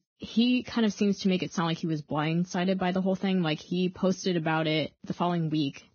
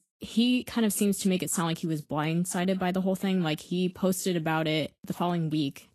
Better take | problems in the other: second | garbled, watery; badly; nothing above 6.5 kHz; slightly in the second

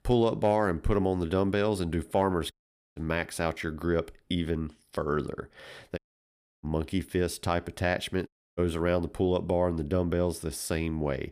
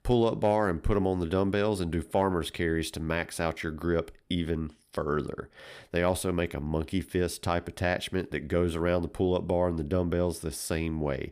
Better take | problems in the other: second | audio cutting out; at 2.5 s, at 6 s for 0.5 s and at 8.5 s

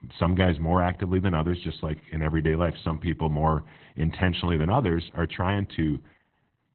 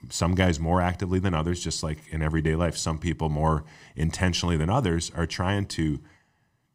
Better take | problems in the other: second | garbled, watery; badly; nothing above 4 kHz

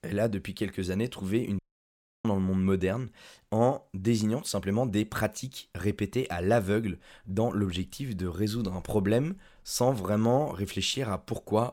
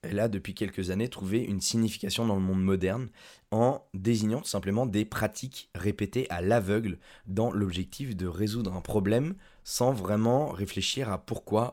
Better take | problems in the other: second | audio cutting out; at 1.5 s for 0.5 s

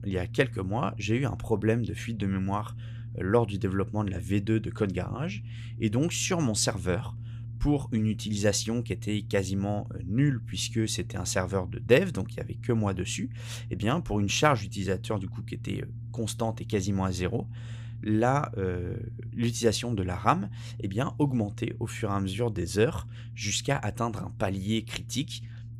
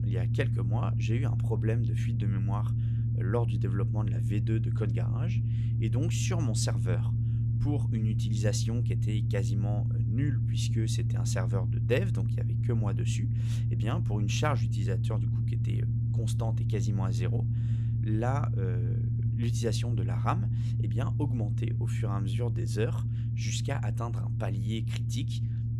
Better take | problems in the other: first | low rumble; loud; throughout; 4 dB below the speech; faint in the first

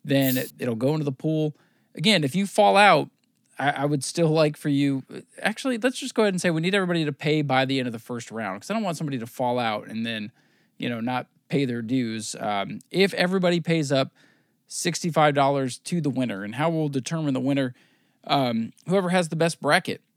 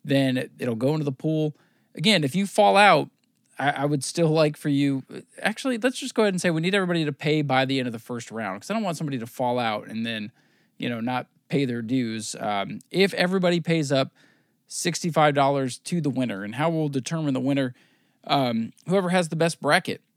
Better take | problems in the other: second | jangling keys; noticeable; at the start; peak 6 dB below the speech

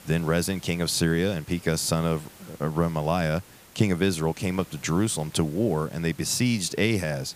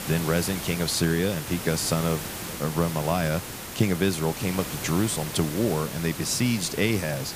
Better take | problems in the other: first | hiss; loud; throughout; 8 dB below the speech; faint in the first

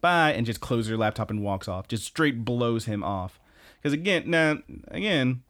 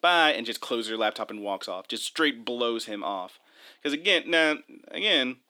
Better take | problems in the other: first | thin; somewhat; fading below 300 Hz

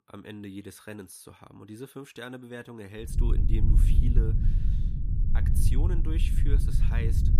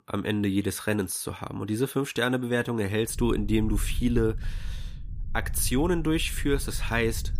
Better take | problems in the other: second | low rumble; loud; from 3 s on; 1 dB below the speech; faint in the second

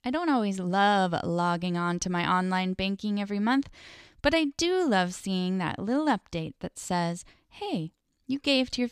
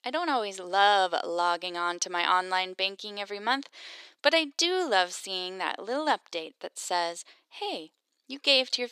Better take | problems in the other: first | thin; very; fading below 400 Hz

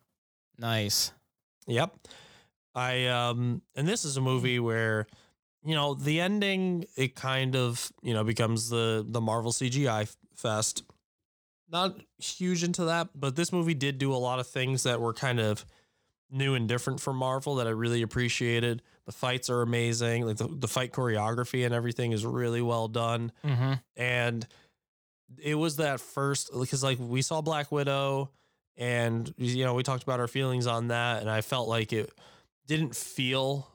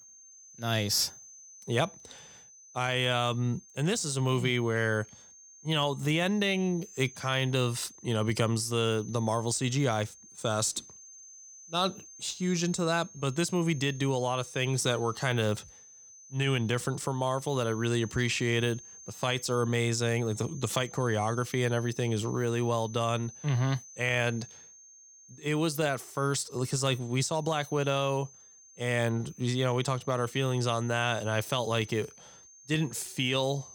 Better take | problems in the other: first | high-pitched whine; noticeable; throughout; 6 kHz, 20 dB below the speech

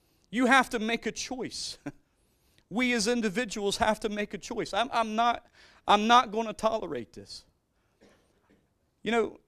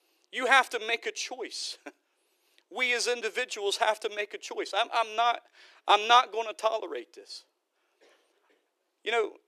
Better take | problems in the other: first | thin; very; fading below 350 Hz

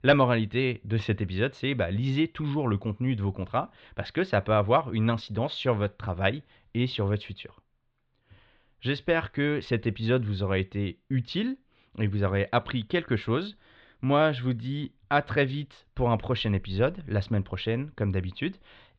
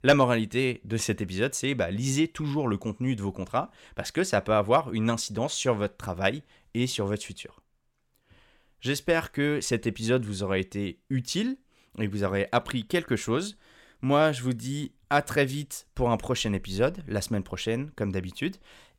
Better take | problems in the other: second | muffled; slightly; fading above 4 kHz

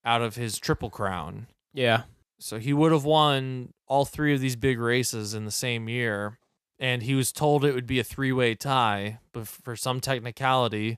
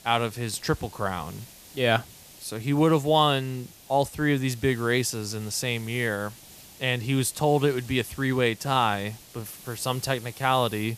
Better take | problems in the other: first | hiss; noticeable; throughout; 20 dB below the speech

